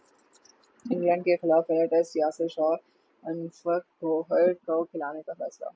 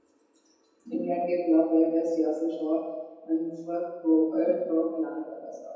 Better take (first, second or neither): first